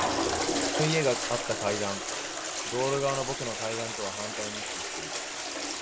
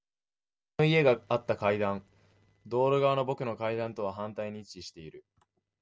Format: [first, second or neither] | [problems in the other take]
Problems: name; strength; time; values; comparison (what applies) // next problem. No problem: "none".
second | background sound (Toilet flush); 1 dB above the speech